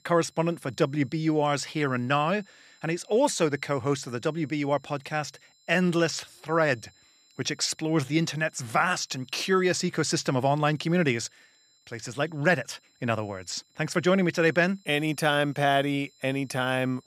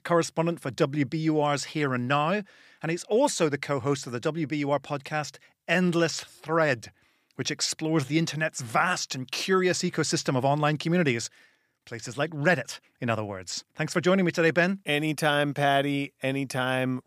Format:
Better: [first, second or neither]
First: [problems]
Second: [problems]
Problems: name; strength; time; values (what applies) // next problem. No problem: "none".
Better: second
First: high-pitched whine; faint; throughout; 4 kHz, 35 dB below the speech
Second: none